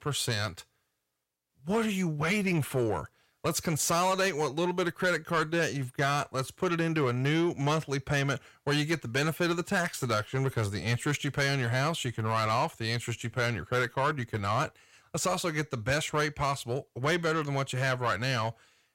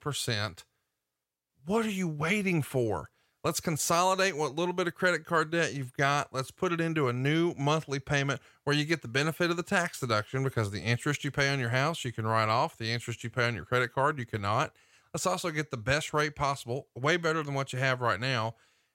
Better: second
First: distortion; slight; 10 dB below the speech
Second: none

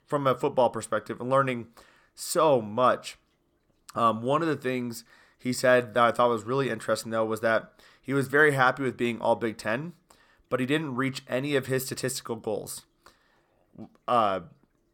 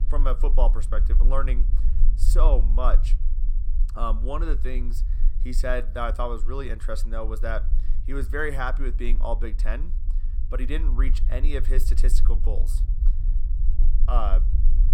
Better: first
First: none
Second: low rumble; noticeable; throughout; 15 dB below the speech

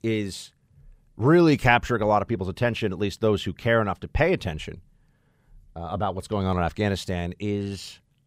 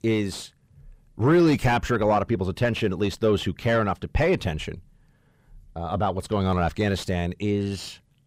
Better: first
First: none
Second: distortion; slight; 10 dB below the speech

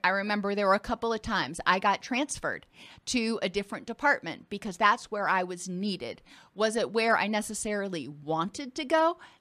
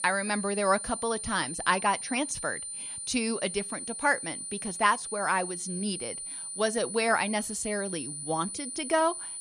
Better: first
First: none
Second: high-pitched whine; loud; throughout; 9.5 kHz, 6 dB below the speech

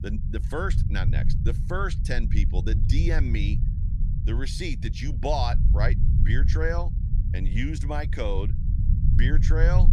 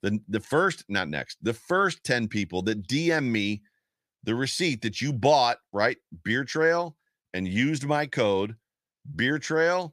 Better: second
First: low rumble; loud; throughout; 9 dB below the speech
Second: none

